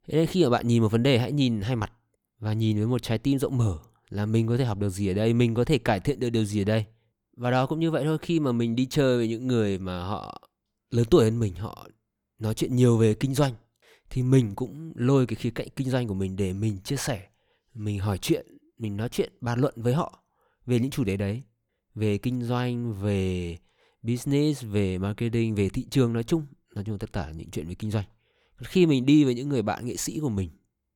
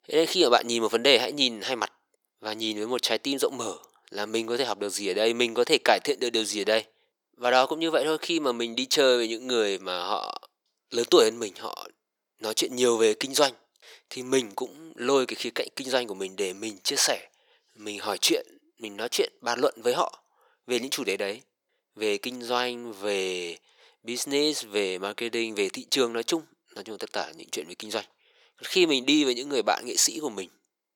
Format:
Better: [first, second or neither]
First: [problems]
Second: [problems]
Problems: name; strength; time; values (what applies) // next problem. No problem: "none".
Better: first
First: none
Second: thin; very; fading below 400 Hz